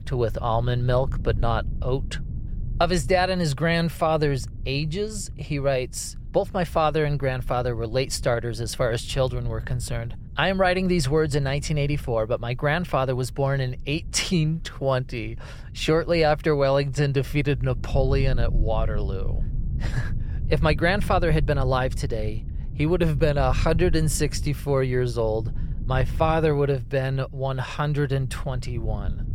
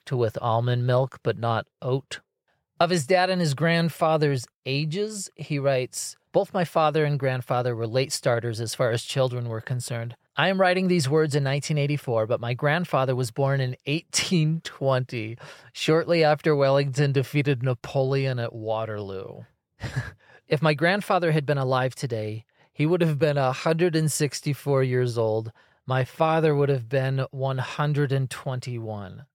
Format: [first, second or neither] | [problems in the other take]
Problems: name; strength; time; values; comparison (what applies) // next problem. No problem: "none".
second | low rumble; faint; throughout; 20 dB below the speech